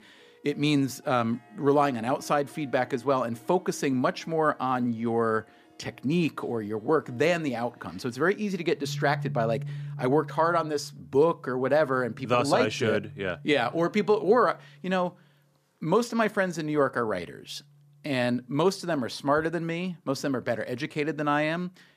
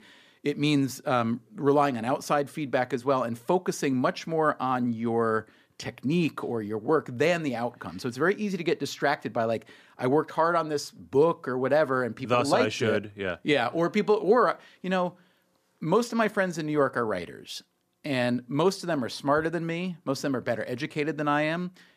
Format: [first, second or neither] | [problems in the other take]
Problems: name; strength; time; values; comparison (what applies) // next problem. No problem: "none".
second | background music; noticeable; throughout; 15 dB below the speech